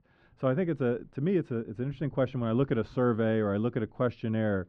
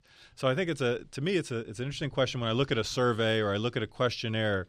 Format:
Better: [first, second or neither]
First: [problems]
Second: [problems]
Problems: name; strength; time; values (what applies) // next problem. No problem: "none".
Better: second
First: muffled; very; fading above 3.5 kHz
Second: none